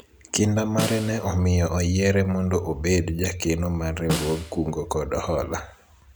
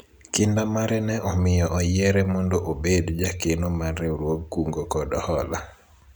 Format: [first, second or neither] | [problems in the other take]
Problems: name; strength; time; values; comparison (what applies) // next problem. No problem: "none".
second | background sound (Snare drum); 11 dB below the speech